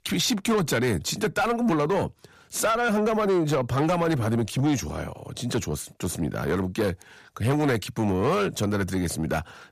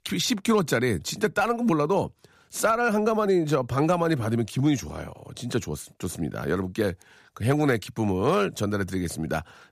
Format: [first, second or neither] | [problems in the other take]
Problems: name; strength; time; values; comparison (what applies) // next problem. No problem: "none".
second | distortion; slight; 10 dB below the speech